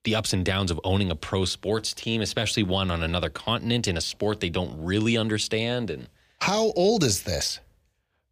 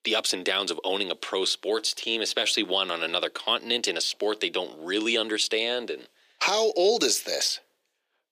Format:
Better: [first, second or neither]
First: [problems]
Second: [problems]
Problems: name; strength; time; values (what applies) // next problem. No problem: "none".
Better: first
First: none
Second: thin; somewhat; fading below 350 Hz